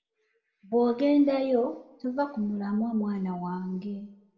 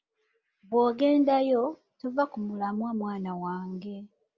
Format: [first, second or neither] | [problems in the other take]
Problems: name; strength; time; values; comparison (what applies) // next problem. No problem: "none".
second | room echo; dies away in 0.5 s